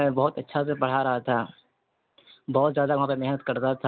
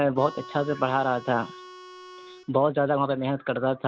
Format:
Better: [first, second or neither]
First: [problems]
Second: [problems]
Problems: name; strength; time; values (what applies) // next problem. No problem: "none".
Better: first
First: none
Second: background sound (Harmonica); 17 dB below the speech